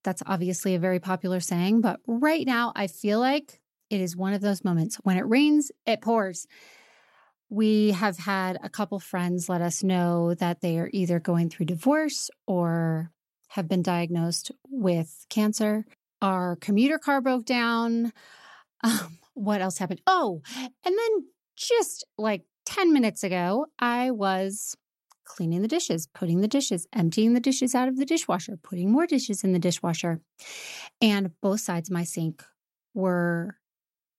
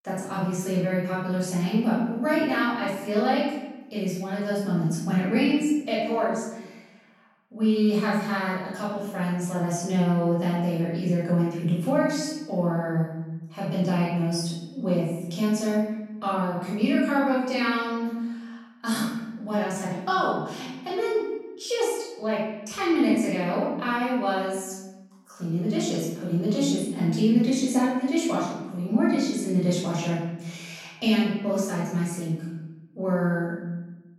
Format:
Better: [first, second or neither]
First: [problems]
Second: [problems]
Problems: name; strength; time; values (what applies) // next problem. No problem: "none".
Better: first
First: none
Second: off-mic speech; far // room echo; noticeable; dies away in 1 s